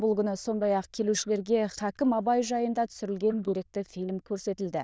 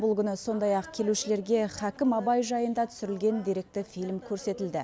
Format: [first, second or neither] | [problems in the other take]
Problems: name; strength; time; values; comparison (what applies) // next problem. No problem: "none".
second | noise reduction (neural diffusion model UNIVERSE++)